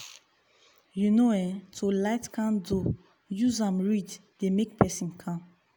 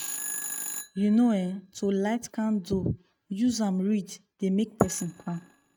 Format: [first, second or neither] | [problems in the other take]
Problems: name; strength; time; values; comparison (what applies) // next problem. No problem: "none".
first | noise reduction (neural mask model RNNoise)